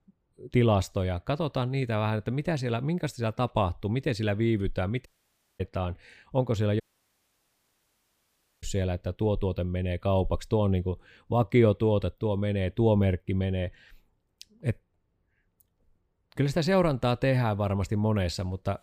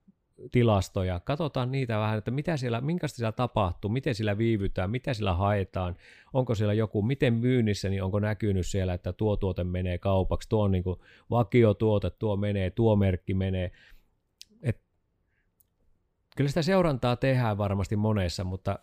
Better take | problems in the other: second | audio cutting out; at 5 s for 0.5 s and at 7 s for 2 s

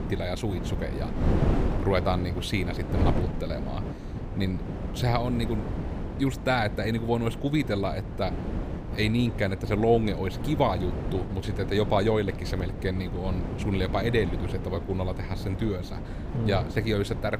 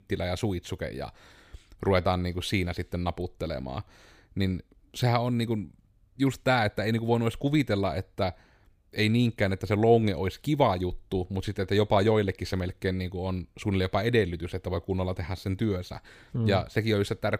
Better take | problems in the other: second | wind noise on the microphone; heavy; 8 dB below the speech

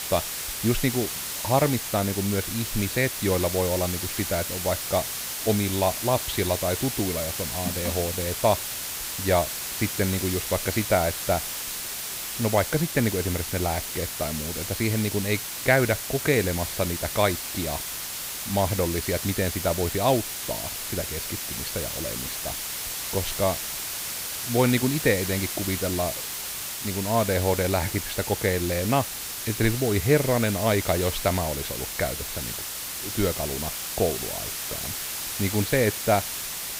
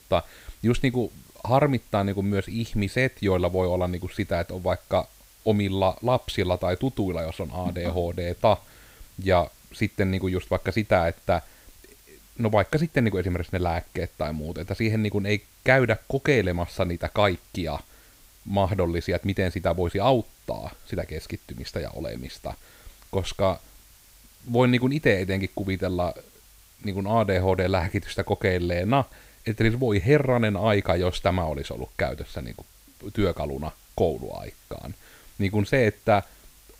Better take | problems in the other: second | hiss; loud; throughout; 3 dB below the speech; faint in the second

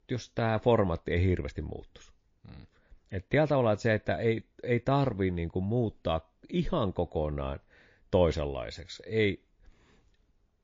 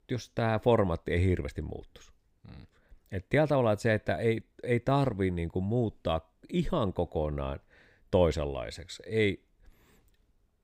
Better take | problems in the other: second | garbled, watery; slightly

